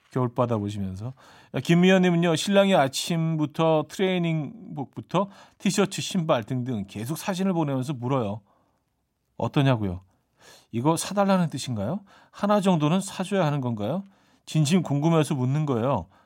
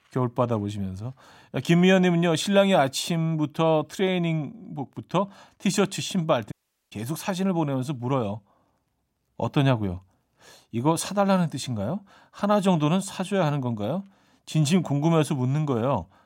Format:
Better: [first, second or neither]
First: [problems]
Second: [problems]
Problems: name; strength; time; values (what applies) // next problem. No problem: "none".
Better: first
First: none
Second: audio cutting out; at 6.5 s